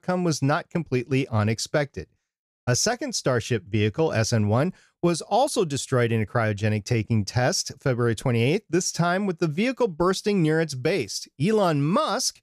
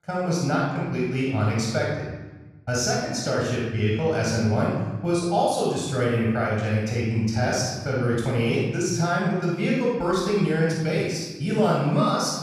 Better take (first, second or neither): first